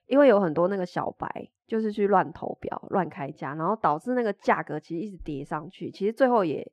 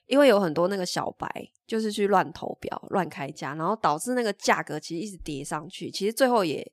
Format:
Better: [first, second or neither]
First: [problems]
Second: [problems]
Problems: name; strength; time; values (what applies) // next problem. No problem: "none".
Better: second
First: muffled; very; fading above 3.5 kHz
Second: none